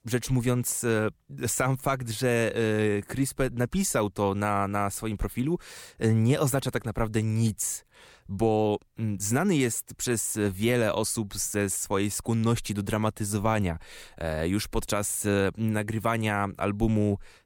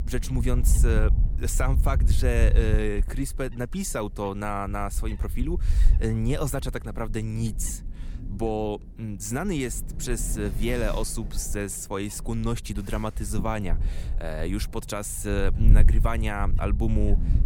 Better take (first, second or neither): first